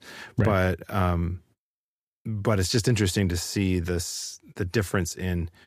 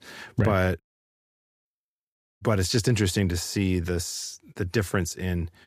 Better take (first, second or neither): first